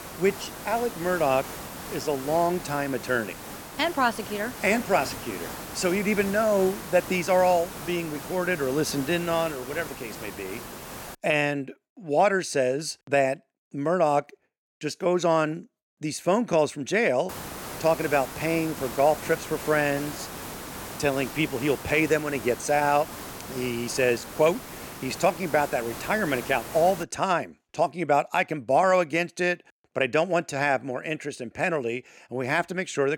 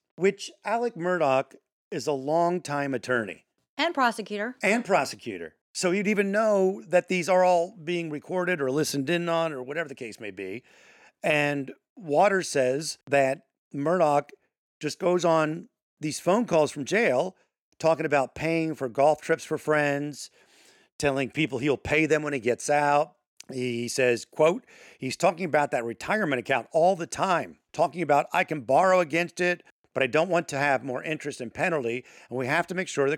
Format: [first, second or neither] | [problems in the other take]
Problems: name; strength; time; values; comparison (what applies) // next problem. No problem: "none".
second | hiss; noticeable; until 11 s and from 17 to 27 s; 10 dB below the speech